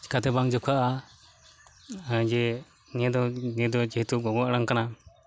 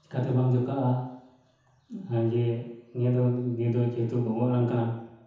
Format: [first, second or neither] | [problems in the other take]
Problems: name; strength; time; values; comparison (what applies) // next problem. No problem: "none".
first | room echo; dies away in 1 s